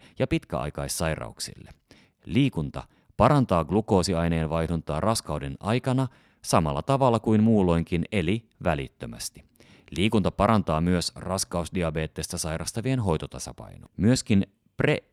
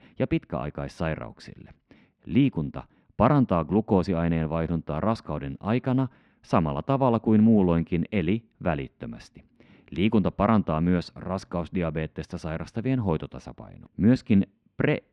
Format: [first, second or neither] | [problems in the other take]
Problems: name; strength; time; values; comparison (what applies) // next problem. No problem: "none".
first | muffled; slightly; fading above 2.5 kHz